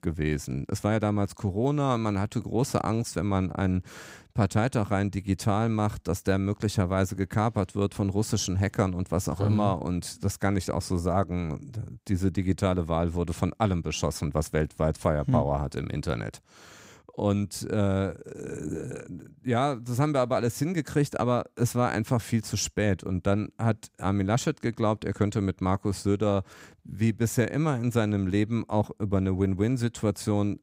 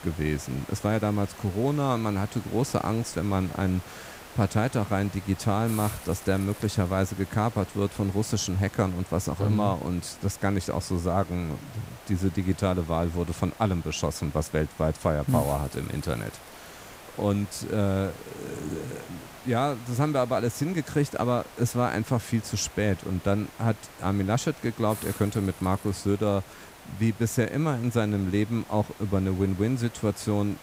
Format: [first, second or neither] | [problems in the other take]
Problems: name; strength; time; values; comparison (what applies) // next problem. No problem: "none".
first | hiss; noticeable; throughout; 15 dB below the speech